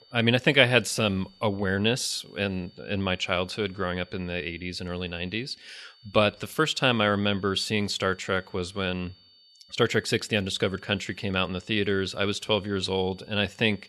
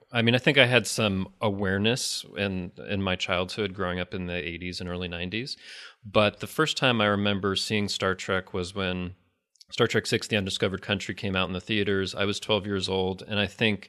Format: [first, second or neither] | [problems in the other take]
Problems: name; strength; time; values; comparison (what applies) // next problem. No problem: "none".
second | high-pitched whine; faint; throughout; 4.5 kHz, 30 dB below the speech